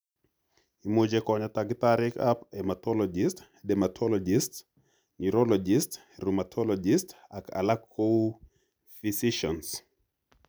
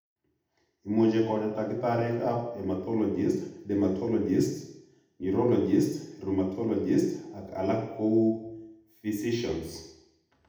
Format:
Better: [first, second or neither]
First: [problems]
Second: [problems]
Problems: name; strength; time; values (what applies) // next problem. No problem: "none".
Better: first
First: none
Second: room echo; dies away in 0.8 s